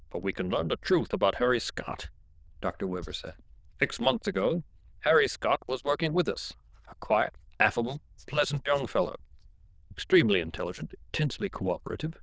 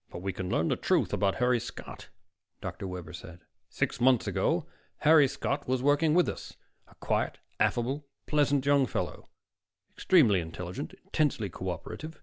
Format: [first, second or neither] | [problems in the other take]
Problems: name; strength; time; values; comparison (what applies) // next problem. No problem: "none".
second | noise reduction (neural diffusion model UNIVERSE++)